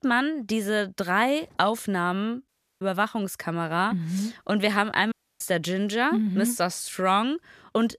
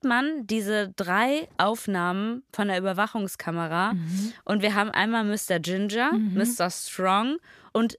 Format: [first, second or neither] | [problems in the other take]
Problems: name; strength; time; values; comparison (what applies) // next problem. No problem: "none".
second | audio cutting out; at 2.5 s and at 5 s